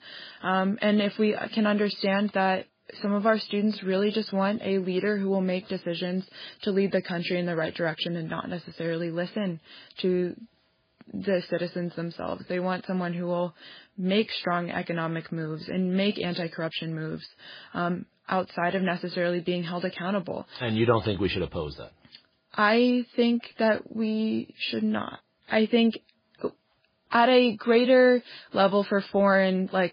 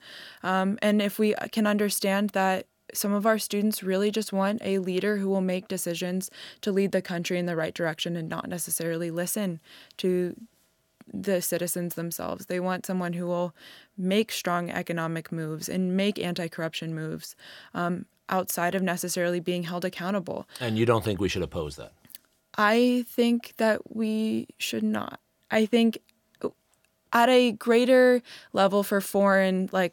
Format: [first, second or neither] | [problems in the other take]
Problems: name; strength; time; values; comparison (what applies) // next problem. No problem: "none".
second | garbled, watery; badly; nothing above 4.5 kHz